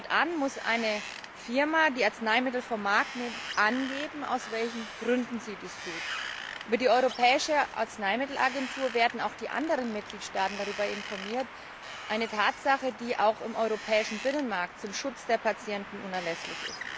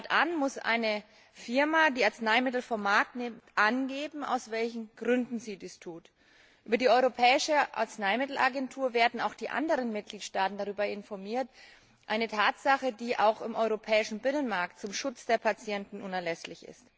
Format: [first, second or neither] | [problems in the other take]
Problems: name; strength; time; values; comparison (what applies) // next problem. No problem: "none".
second | background sound (Wind); 11 dB below the speech